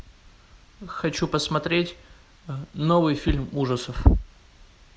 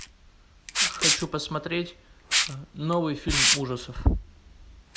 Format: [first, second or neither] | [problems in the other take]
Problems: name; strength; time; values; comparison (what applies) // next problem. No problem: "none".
first | background sound (Liquid); 1 dB above the speech